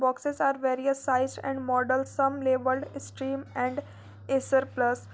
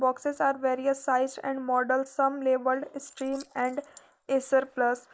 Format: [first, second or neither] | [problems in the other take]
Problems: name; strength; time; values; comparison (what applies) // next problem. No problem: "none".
first | noise reduction (neural mask model Resemble Enhance denoiser)